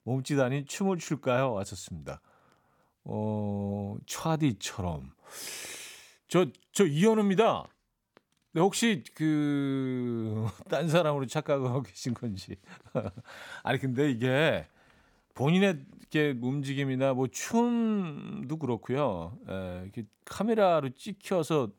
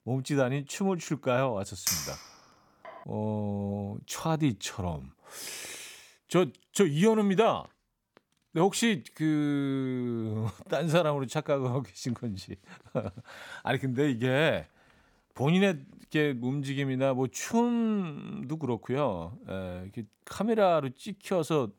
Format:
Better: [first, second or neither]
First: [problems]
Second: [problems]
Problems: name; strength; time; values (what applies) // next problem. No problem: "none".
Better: first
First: none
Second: clattering dishes; loud; from 2 to 3 s; peak level with the speech